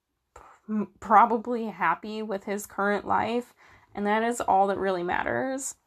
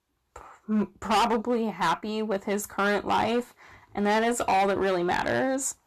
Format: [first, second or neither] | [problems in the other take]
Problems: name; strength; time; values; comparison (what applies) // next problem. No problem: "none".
first | distortion; heavy; 10% of the sound clipped